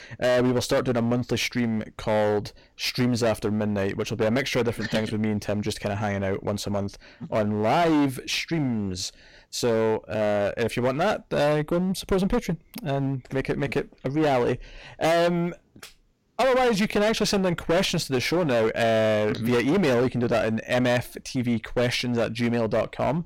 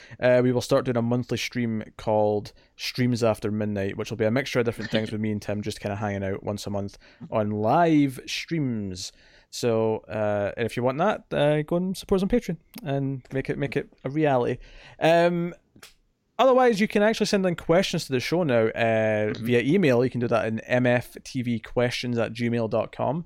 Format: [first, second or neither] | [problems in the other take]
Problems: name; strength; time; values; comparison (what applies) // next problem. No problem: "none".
second | distortion; heavy; 16% of the sound clipped